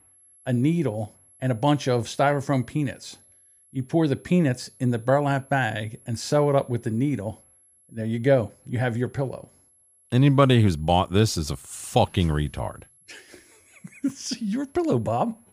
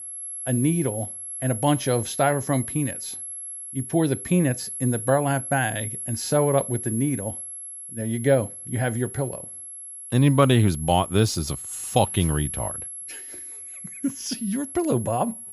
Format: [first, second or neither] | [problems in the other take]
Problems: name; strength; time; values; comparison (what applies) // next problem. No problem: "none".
first | high-pitched whine; loud; throughout; 11 kHz, 8 dB below the speech; faint in the first